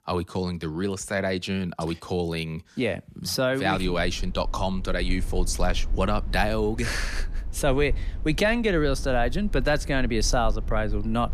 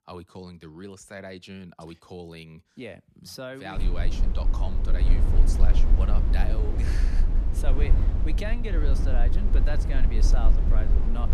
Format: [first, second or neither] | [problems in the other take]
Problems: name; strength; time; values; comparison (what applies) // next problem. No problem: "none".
first | low rumble; loud; from 4 s on; 3 dB below the speech; faint in the first